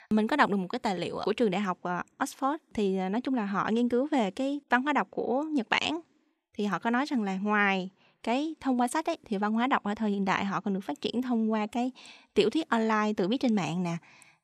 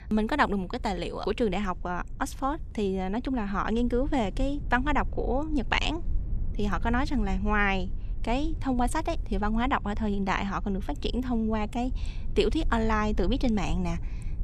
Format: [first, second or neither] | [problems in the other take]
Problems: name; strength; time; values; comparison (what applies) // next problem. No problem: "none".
first | low rumble; faint; throughout; 25 dB below the speech